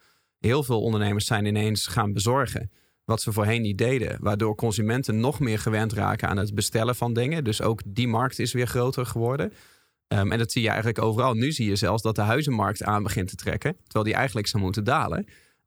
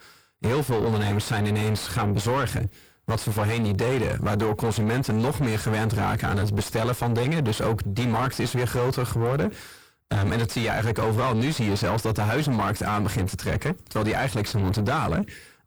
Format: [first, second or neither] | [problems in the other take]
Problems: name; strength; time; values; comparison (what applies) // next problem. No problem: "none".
first | distortion; heavy; 6 dB below the speech